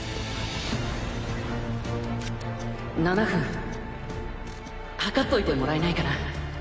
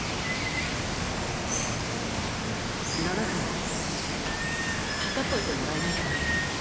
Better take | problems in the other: first | background sound (Water); 4 dB above the speech

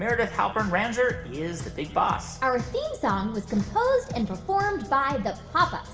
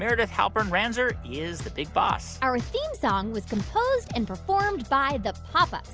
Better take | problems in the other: second | room echo; dies away in 1.2 s

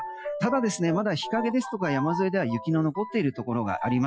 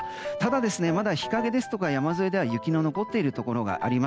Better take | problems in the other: second | noise reduction (classical method Wiener filter)

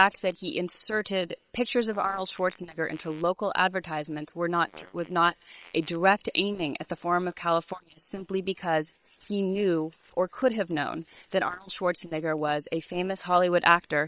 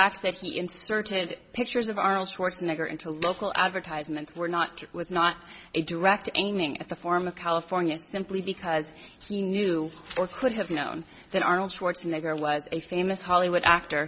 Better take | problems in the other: second | noise reduction (neural separator model SepFormer WHAM!)

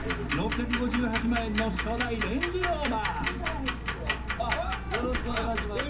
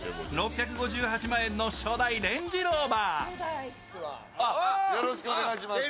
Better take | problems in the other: second | background sound (Tick-tock); 1 dB below the speech // room echo; dies away in 0.3 s

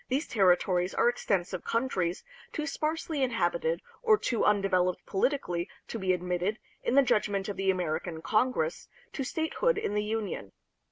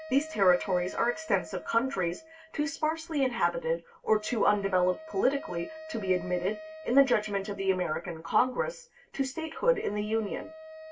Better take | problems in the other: first | background sound (Wind instrument, woodwind instrument); 17 dB below the speech // room echo; dies away in 0.2 s

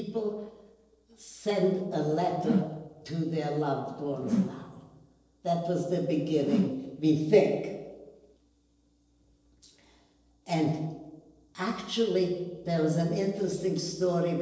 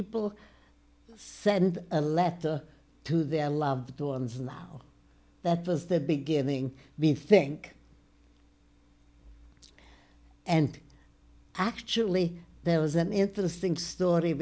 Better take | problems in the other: second | noise reduction (neural separator model SepFormer DNS4)

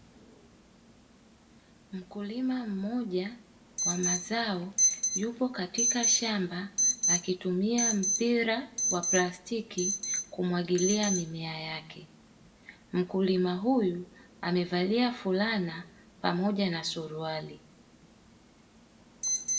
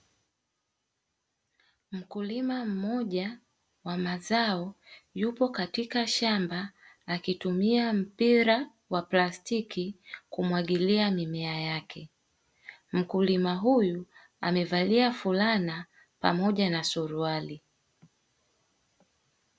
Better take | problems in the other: second | background sound (Alarm); 3 dB below the speech // room echo; dies away in 0.5 s

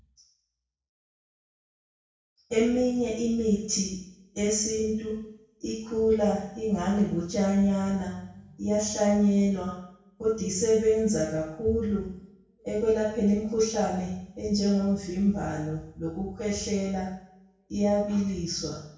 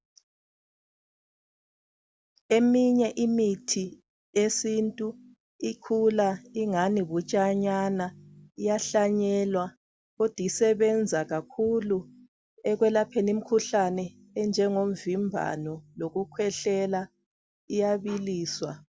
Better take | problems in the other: second | room echo; dies away in 0.6 s

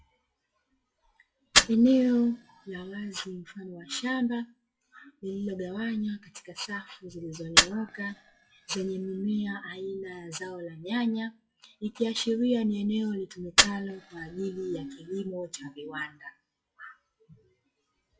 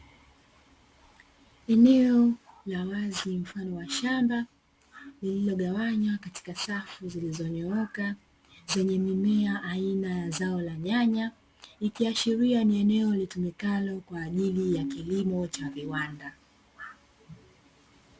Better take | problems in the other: second | noise reduction (classical method WPE with log-MMSE)

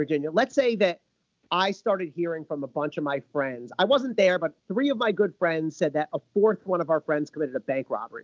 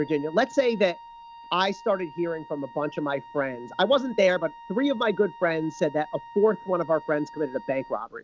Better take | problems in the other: first | background sound (Wind instrument, woodwind instrument); 19 dB below the speech

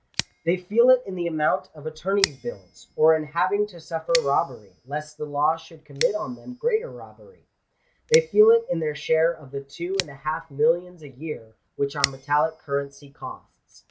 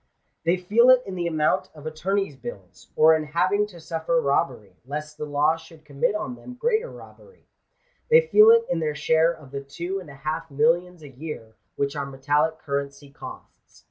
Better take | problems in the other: second | background sound (Scissors); 13 dB below the speech

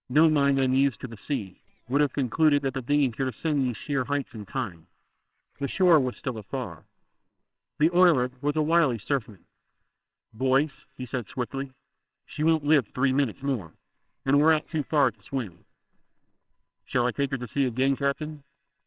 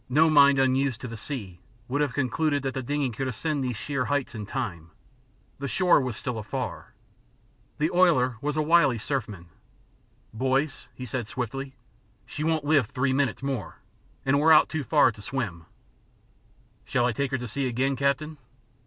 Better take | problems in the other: second | noise reduction (neural separator model SepFormer WHAMR!)

